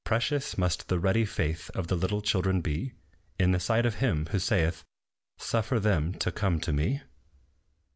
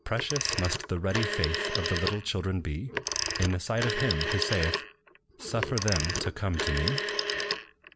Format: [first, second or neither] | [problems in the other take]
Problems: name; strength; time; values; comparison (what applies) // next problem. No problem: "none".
first | background sound (Telephone); 2 dB below the speech